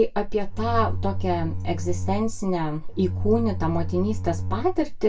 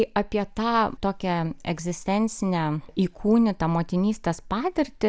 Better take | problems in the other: second | background sound (Bowed string instrument); 7 dB below the speech // room echo; dies away in 0.2 s

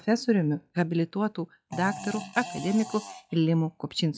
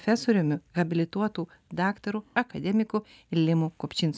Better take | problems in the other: second | noise reduction (classical method log-MMSE)

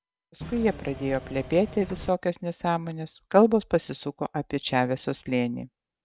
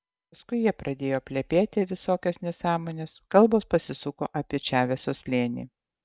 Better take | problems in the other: second | background sound (Engine / Mechanisms); 13 dB below the speech

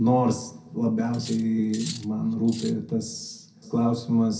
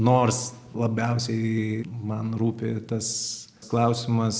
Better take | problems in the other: second | background sound (Cutlery, silverware); 17 dB below the speech // room echo; dies away in 0.3 s

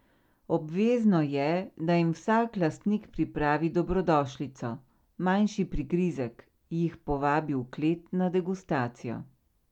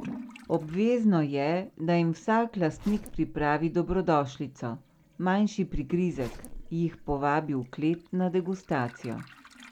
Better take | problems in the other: first | background sound (Toilet flush / Liquid + Zipper (clothing)); 19 dB below the speech

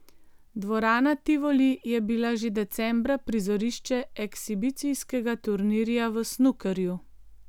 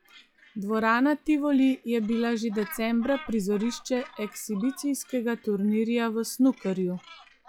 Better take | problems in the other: first | noise reduction (classical method log-MMSE)

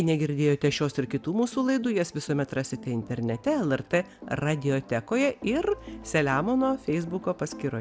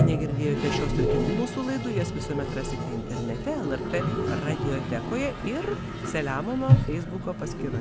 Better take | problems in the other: first | background sound (Toilet flush); 3 dB above the speech

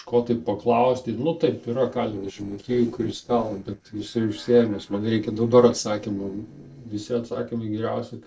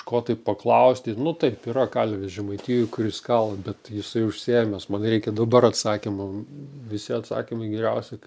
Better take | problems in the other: second | noise reduction (neural separator model SepFormer DNS4)

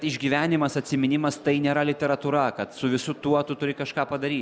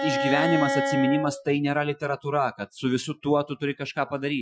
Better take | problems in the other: first | noise reduction (classical method Wiener filter)

